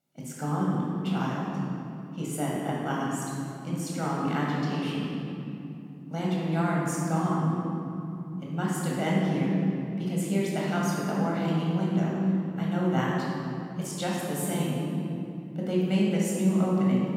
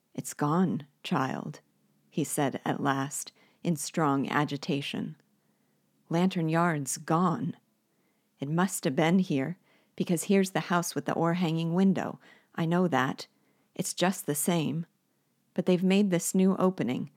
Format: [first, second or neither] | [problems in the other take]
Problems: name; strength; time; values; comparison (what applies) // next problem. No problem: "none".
second | room echo; strong; dies away in 3 s // off-mic speech; far